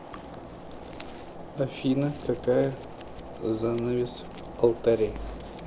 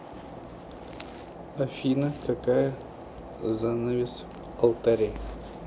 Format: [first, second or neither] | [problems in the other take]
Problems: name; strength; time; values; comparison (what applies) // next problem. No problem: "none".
second | background sound (Domestic sounds, home sounds); 19 dB below the speech